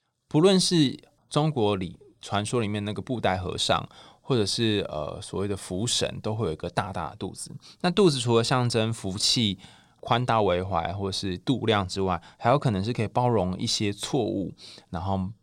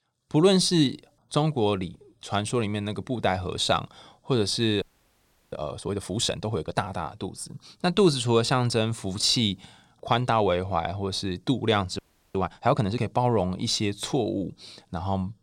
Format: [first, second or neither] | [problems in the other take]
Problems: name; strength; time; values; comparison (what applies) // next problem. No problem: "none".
first | audio freezing; at 5 s for 0.5 s and at 12 s